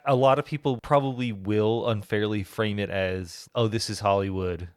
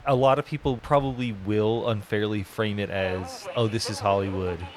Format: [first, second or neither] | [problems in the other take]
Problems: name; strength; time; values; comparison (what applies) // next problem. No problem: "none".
first | train or aircraft noise; noticeable; throughout; 15 dB below the speech